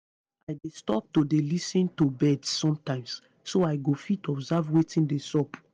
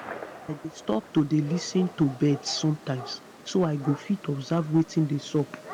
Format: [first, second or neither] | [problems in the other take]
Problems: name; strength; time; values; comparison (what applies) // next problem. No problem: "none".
first | background sound (Gunshot, gunfire); 16 dB below the speech